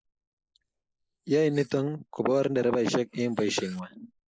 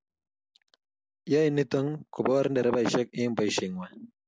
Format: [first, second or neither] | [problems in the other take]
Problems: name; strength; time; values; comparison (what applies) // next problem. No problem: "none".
second | noise reduction (neural mask model Resemble Enhance denoiser)